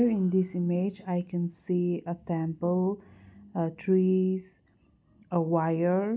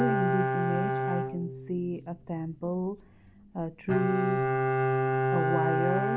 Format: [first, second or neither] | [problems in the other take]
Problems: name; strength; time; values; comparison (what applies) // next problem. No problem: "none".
first | background sound (Bowed string instrument); 3 dB above the speech